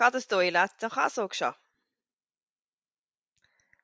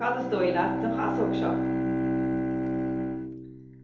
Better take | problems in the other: first | background sound (Bowed string instrument); 3 dB above the speech // room echo; dies away in 2.1 s

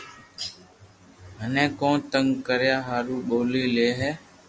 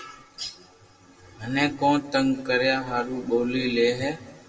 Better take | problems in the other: first | room echo; dies away in 1.6 s

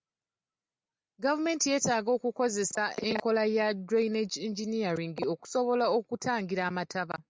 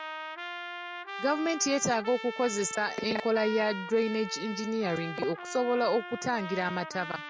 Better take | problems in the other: first | background sound (Trumpet); 10 dB below the speech

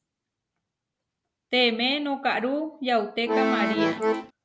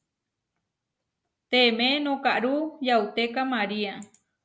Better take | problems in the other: second | background sound (Accordion); 4 dB above the speech

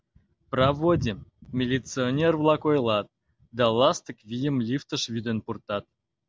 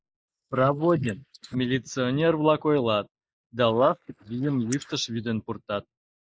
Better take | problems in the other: first | noise reduction (neural mask model Resemble Enhance denoiser)

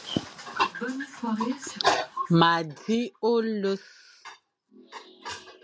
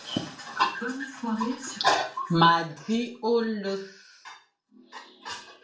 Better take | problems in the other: first | room echo; dies away in 0.4 s

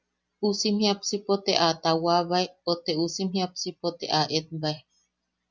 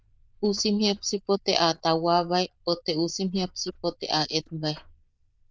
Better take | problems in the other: first | noise reduction (neural diffusion model UNIVERSE++)

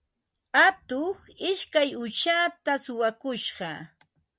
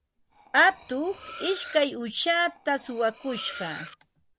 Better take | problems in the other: first | background sound (Cutlery, silverware); 17 dB below the speech

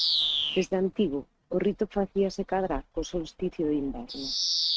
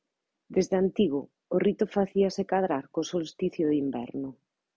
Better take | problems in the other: second | noise reduction (neural mask model RNNoise)

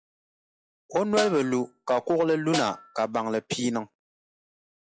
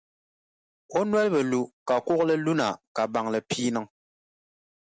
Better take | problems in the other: second | noise reduction (classical method log-MMSE)

